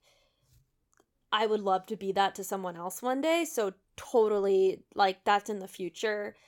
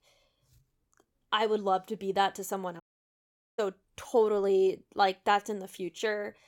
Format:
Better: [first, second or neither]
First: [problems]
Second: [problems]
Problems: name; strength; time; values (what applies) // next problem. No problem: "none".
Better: first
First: none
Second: audio cutting out; at 3 s for 1 s